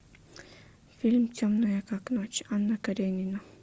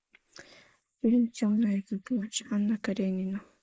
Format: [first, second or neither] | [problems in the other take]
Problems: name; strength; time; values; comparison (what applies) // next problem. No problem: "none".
first | noise reduction (neural mask model Resemble Enhance denoiser)